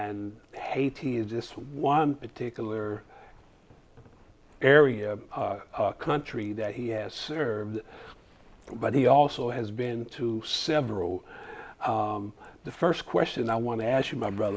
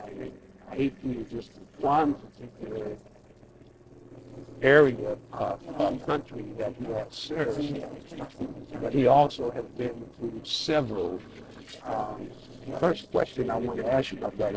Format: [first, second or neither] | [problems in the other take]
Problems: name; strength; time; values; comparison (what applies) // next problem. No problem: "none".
first | noise reduction (neural separator model SepFormer DNS4)